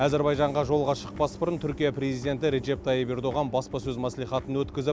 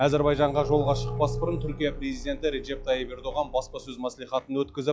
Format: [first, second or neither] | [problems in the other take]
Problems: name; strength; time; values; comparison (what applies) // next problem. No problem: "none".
first | noise reduction (classical method log-MMSE)